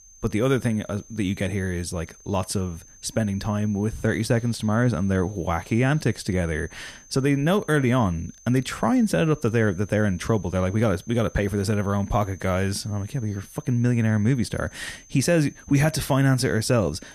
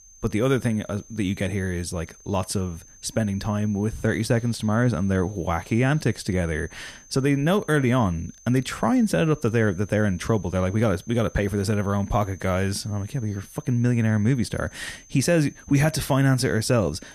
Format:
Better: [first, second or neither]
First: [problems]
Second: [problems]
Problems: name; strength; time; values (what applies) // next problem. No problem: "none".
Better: neither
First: high-pitched whine; faint; throughout; 6.5 kHz, 25 dB below the speech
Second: high-pitched whine; faint; throughout; 6.5 kHz, 25 dB below the speech